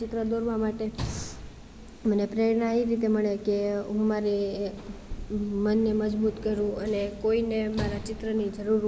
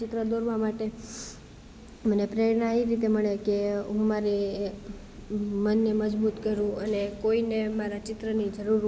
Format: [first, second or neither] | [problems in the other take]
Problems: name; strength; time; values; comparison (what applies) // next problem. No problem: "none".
second | background sound (Sliding door / Slam); 14 dB below the speech